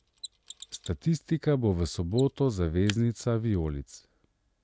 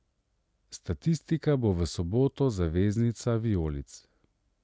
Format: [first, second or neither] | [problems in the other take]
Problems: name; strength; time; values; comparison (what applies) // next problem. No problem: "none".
second | background sound (Mechanisms); 19 dB below the speech